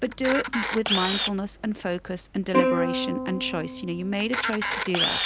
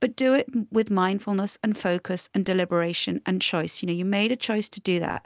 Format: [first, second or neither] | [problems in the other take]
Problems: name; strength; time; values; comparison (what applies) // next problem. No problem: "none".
second | background sound (Plucked string instrument + Camera); as loud as the speech